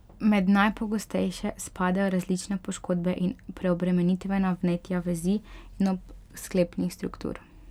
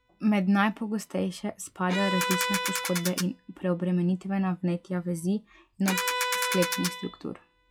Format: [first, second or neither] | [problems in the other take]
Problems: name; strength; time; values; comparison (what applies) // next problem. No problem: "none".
first | noise reduction (classical method log-MMSE)